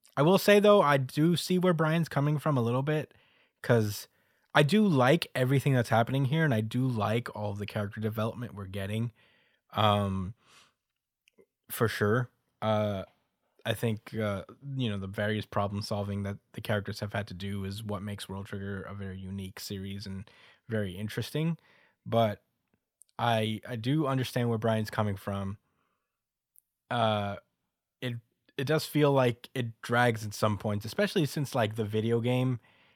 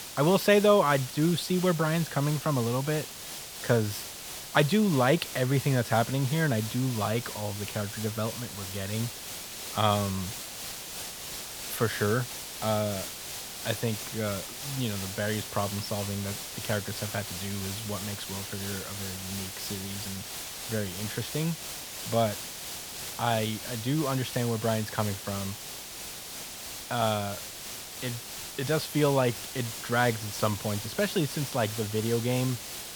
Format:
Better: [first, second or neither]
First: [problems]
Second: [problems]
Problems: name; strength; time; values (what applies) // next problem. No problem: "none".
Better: first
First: none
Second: hiss; loud; throughout; 7 dB below the speech